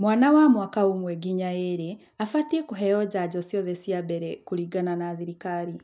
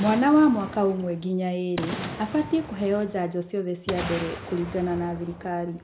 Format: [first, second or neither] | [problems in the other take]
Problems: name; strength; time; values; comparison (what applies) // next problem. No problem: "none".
first | background sound (Boom); 12 dB below the speech // room echo; dies away in 0.5 s